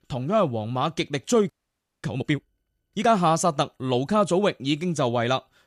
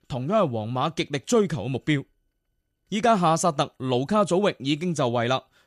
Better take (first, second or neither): second